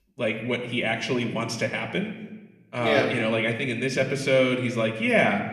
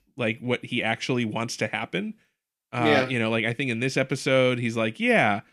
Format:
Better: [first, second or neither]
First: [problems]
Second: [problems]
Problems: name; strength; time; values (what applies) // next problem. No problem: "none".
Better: second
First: room echo; slight; dies away in 0.9 s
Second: none